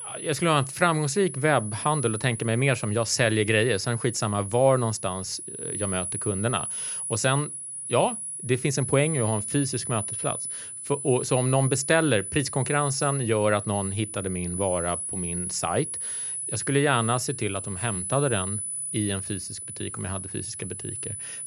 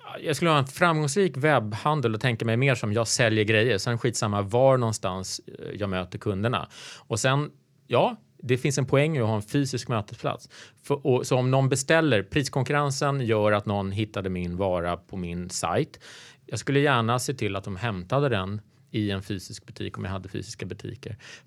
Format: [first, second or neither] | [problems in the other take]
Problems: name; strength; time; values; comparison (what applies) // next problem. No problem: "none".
second | high-pitched whine; loud; throughout; 10 kHz, 5 dB below the speech